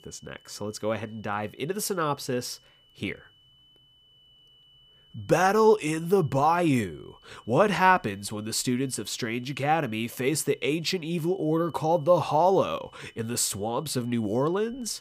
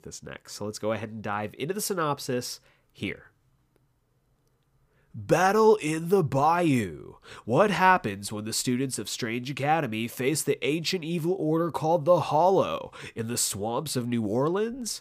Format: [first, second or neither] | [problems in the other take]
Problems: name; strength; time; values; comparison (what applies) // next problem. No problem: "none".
second | high-pitched whine; faint; throughout; 3 kHz, 30 dB below the speech